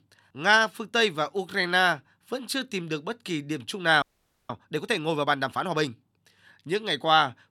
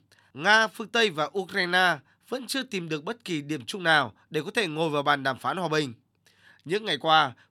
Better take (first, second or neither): second